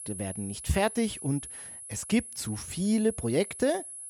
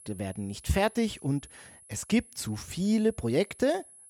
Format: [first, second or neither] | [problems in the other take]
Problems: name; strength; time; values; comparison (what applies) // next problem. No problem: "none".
second | high-pitched whine; loud; throughout; 10.5 kHz, 10 dB below the speech; faint in the second